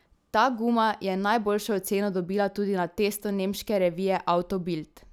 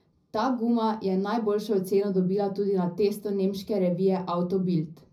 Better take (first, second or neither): first